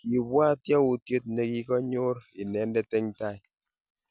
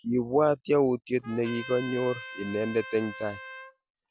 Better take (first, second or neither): first